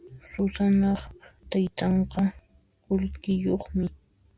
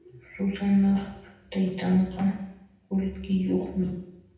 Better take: first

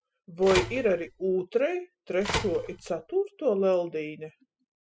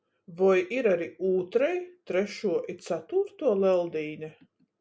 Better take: second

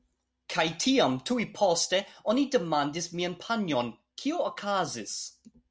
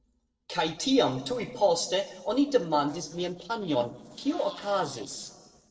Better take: first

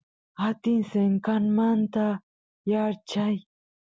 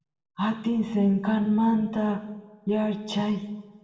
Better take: first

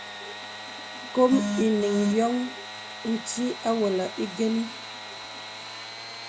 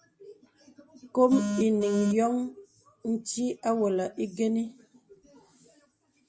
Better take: second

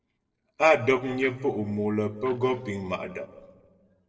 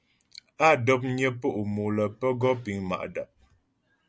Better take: second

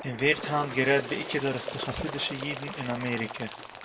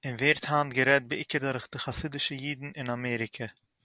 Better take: second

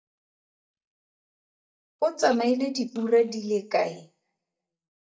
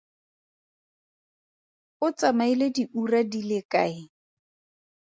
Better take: second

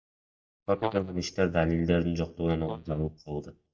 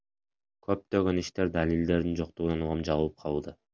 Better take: second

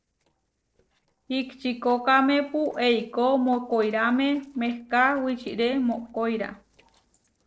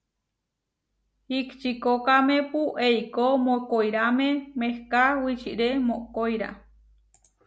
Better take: second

